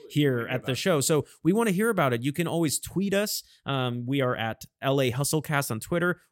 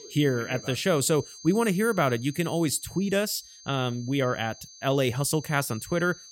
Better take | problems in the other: first | high-pitched whine; noticeable; throughout; 6.5 kHz, 20 dB below the speech

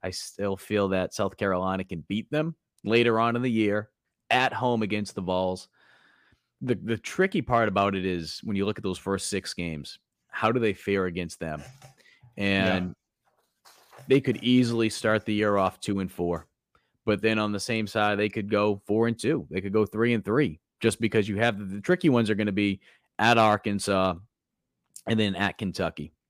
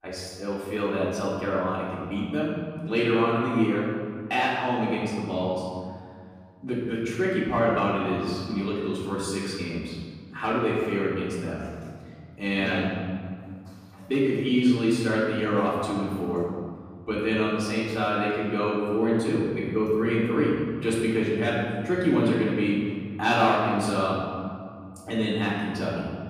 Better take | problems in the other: first | room echo; noticeable; dies away in 1.9 s // off-mic speech; far

